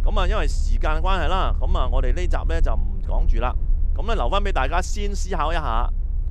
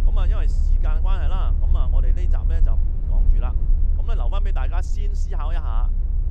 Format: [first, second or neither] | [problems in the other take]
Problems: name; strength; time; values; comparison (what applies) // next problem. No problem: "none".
first | low rumble; loud; throughout; 6 dB below the speech; faint in the first